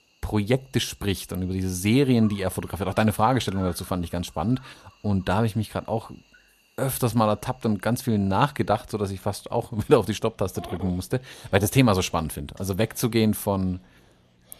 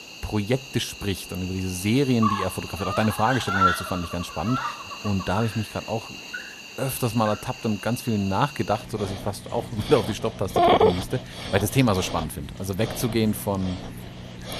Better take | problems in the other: first | animal sounds; loud; throughout; 3 dB below the speech; faint in the first

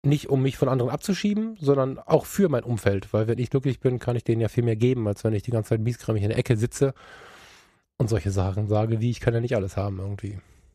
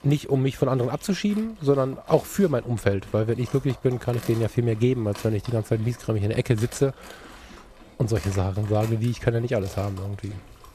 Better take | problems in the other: first | animal sounds; noticeable; throughout; 20 dB below the speech

